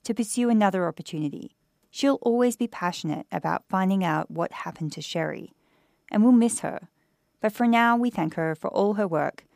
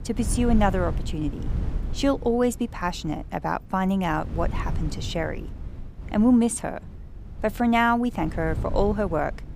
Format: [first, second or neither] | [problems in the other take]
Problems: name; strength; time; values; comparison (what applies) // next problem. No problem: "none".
first | wind noise on the microphone; occasional gusts; 20 dB below the speech